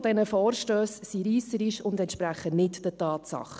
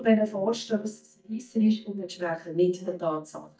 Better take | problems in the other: first | noise reduction (neural mask model DeepFilterNet 3)

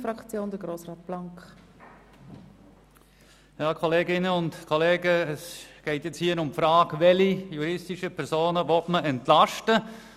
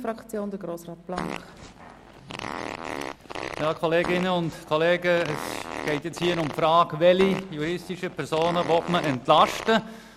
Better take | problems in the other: first | background sound (Fart); 10 dB below the speech

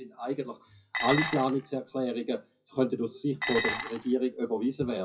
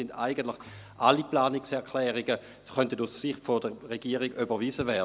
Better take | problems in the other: second | noise reduction (classical method WPE with log-MMSE)

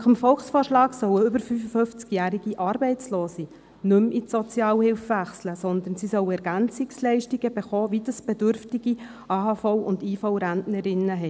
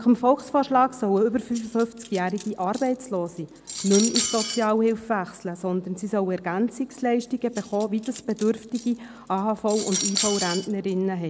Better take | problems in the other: first | background sound (Cutlery, silverware); 8 dB below the speech

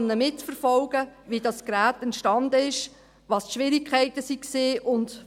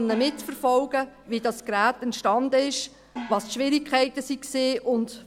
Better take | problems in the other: first | background sound (Gong); 17 dB below the speech

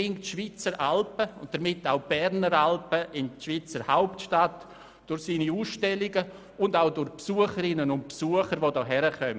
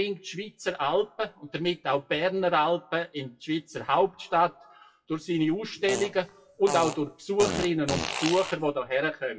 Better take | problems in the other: first | noise reduction (classical method WPE with log-MMSE)

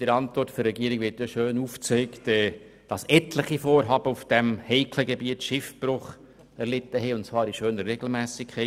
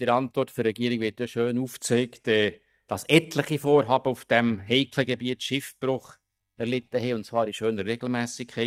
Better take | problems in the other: first | noise reduction (neural mask model DeepFilterNet 3)

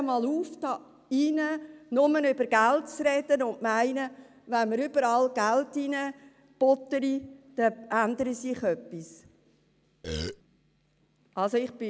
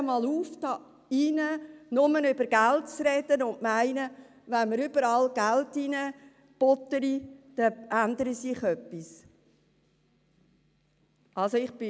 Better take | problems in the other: second | background sound (Burping, eructation); 6 dB below the speech

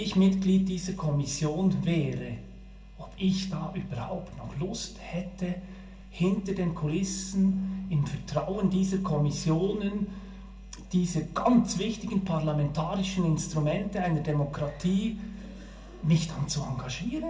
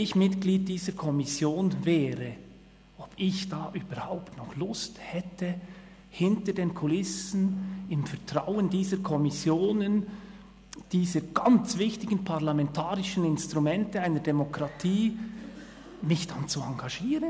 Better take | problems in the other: second | room echo; dies away in 0.3 s

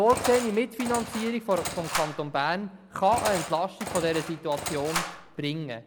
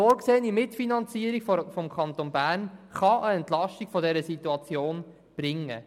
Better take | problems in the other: second | background sound (Engine); 8 dB below the speech

